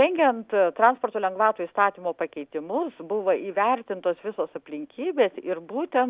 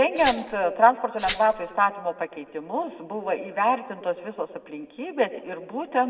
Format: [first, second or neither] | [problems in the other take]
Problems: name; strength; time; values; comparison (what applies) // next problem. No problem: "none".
first | background sound (Glass); 12 dB below the speech // room echo; dies away in 1 s